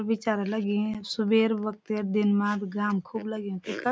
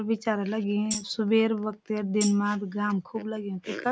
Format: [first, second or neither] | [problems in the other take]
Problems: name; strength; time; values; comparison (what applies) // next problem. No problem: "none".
first | background sound (Tambourine); 13 dB below the speech